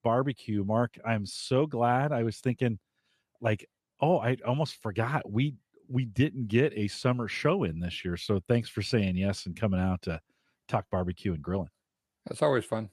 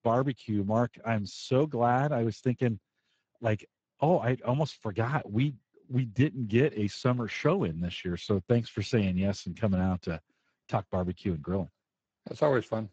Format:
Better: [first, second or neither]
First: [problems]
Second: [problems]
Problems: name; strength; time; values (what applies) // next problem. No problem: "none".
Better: first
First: none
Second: garbled, watery; badly; nothing above 7.5 kHz